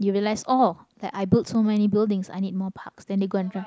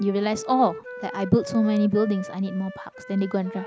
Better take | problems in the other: first | background sound (Wind instrument, woodwind instrument); 13 dB below the speech

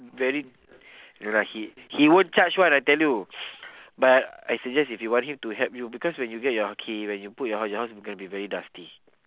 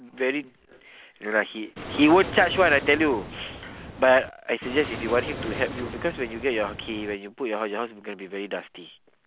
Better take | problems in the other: first | background sound (Waves, surf); 10 dB below the speech

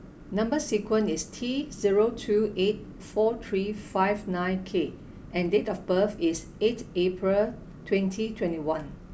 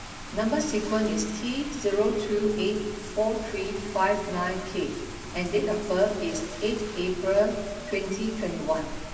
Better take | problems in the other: first | background sound (Bathtub (filling or washing)); 14 dB below the speech // room echo; dies away in 1.4 s

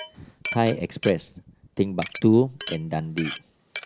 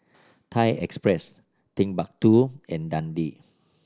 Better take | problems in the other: second | background sound (Glass); 13 dB below the speech

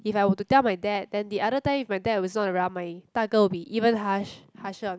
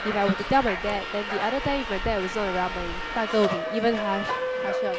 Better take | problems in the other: first | background sound (Subway, metro, underground); 3 dB below the speech

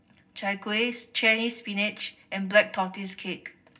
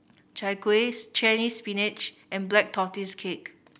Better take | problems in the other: second | room echo; dies away in 0.4 s

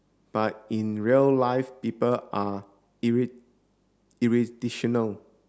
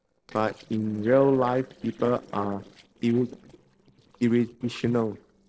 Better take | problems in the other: first | noise reduction (neural separator model SepFormer DNS4)

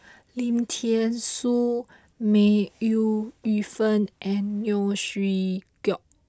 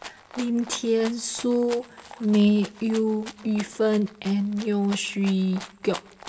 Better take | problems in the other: first | background sound (Rattle (instrument)); 18 dB below the speech // room echo; dies away in 0.4 s

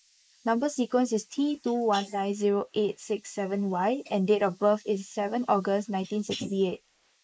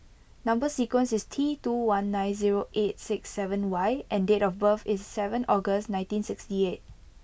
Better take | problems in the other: second | noise reduction (neural mask model Resemble Enhance denoiser)

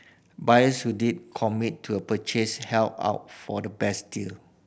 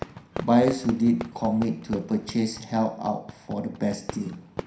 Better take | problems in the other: first | background sound (Fireworks); 13 dB below the speech // room echo; dies away in 0.5 s

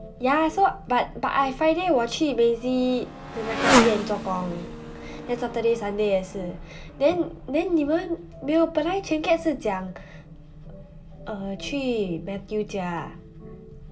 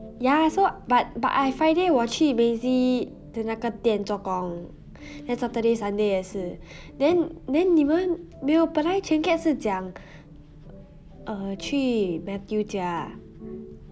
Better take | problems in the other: second | background sound (Motorcycle); 7 dB below the speech // room echo; dies away in 0.2 s

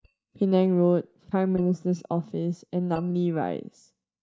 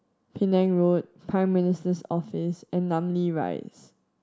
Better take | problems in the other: second | noise reduction (neural mask model DeepFilterNet 3)

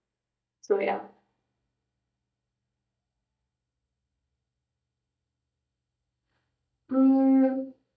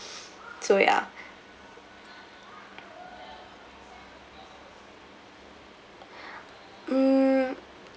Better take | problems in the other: second | noise reduction (neural mask model DeepFilterNet 3)

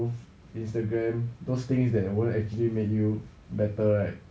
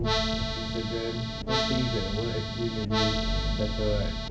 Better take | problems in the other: first | background sound (Accordion + Engine); 3 dB above the speech

